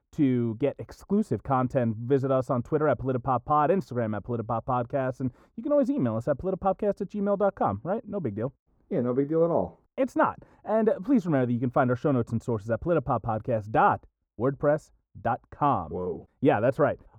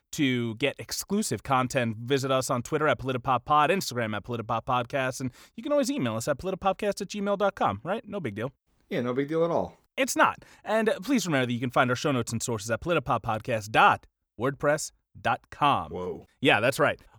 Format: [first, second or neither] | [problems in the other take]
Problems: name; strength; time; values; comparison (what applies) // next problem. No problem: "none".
second | muffled; very; fading above 1.5 kHz